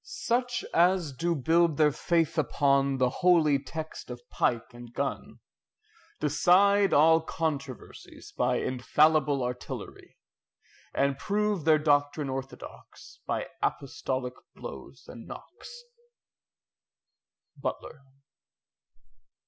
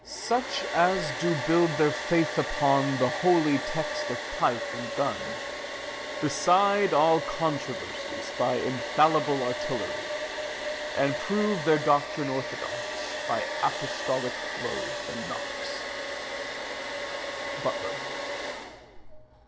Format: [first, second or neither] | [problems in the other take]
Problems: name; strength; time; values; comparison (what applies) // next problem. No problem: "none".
first | background sound (Domestic sounds, home sounds); 5 dB below the speech